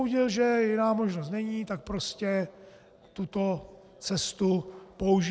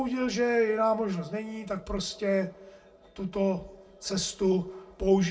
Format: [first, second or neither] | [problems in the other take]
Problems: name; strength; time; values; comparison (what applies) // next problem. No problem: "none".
first | room echo; dies away in 0.2 s